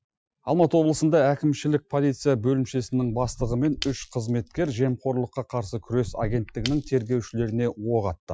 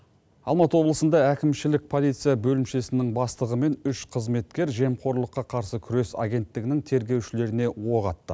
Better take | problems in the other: second | noise reduction (classical method Wiener filter)

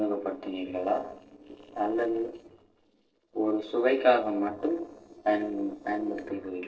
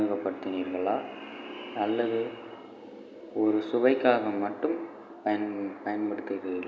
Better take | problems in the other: second | noise reduction (neural separator model SepFormer DNS4)

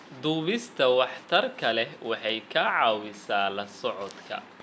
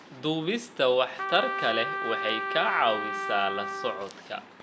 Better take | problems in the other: first | background sound (Trumpet); 4 dB below the speech

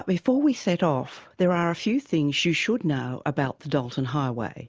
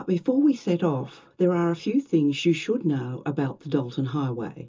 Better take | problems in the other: first | room echo; dies away in 0.2 s

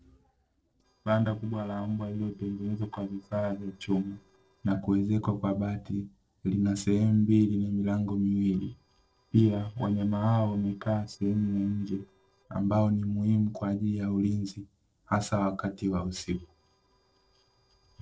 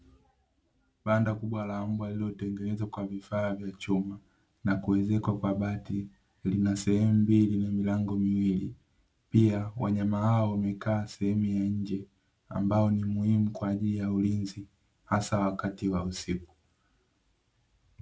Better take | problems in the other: second | noise reduction (neural separator model SepFormer DNS4)

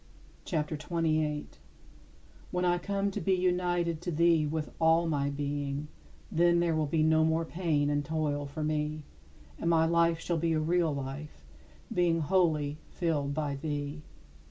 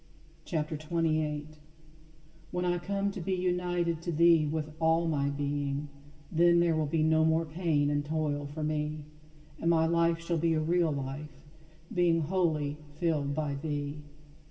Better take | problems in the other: first | room echo; dies away in 2.8 s

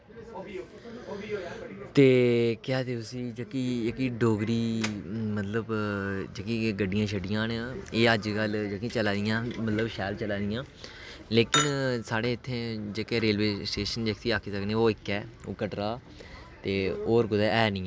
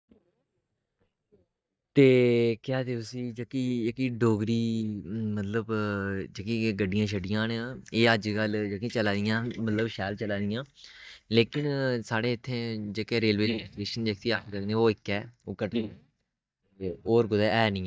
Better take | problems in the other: first | noise reduction (neural mask model DeepFilterNet 3)

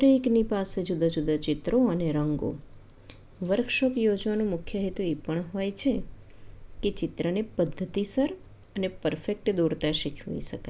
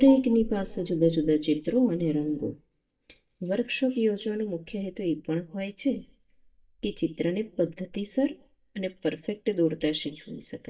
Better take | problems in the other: first | noise reduction (neural mask model DeepFilterNet 3)

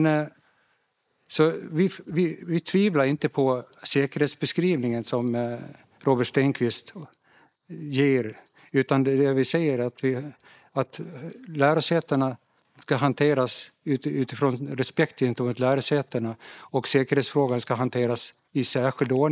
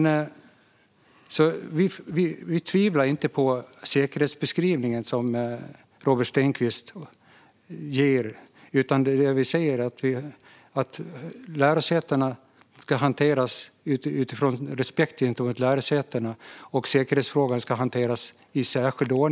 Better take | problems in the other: second | noise reduction (neural mask model Resemble Enhance denoiser)

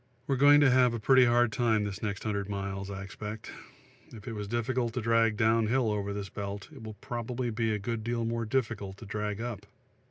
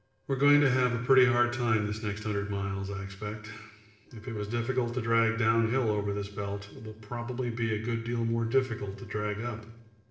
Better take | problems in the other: first | noise reduction (neural separator model SepFormer DNS4)

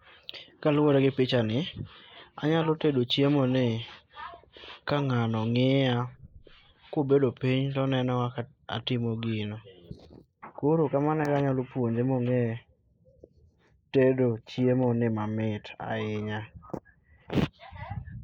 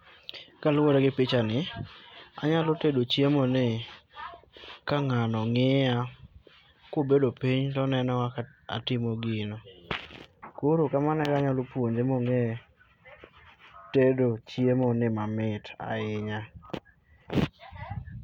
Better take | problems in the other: second | noise reduction (neural mask model Resemble Enhance denoiser)

